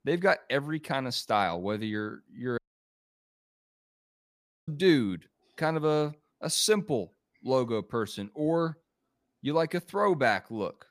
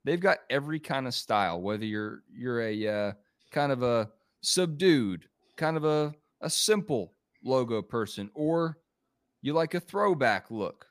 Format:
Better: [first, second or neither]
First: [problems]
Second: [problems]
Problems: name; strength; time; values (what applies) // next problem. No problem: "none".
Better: second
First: audio cutting out; at 2.5 s for 2 s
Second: none